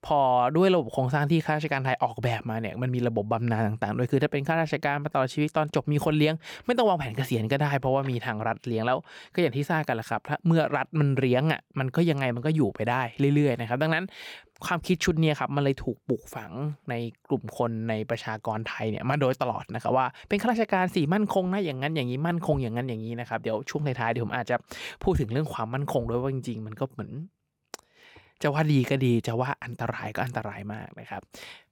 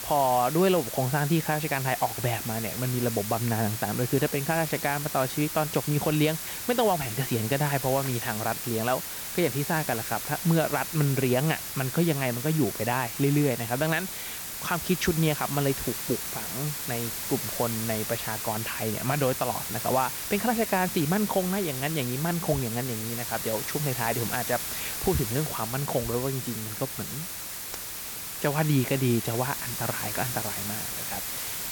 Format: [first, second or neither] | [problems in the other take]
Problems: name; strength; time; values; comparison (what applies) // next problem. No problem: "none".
first | hiss; loud; throughout; 4 dB below the speech